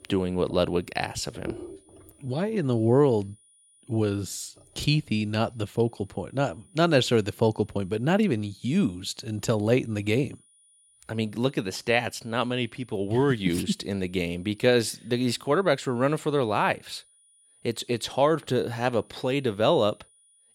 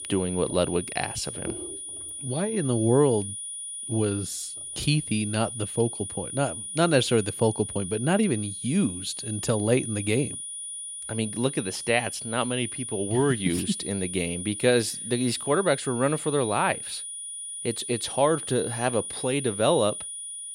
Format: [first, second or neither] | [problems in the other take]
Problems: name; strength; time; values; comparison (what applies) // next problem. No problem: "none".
first | high-pitched whine; loud; throughout; 9.5 kHz, 7 dB below the speech; faint in the first